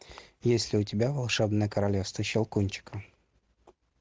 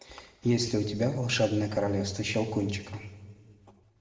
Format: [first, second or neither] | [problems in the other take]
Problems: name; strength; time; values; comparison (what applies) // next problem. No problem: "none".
first | room echo; dies away in 1.5 s